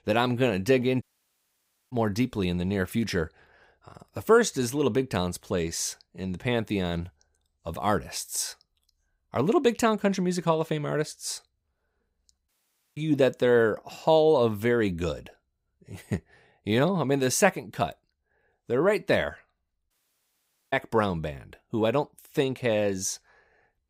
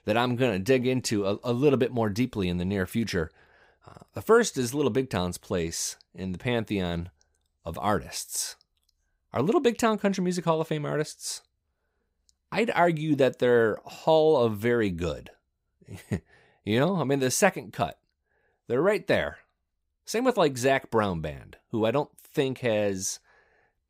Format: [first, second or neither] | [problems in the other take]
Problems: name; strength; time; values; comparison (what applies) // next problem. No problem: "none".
second | audio cutting out; at 1 s for 1 s, at 12 s and at 20 s for 1 s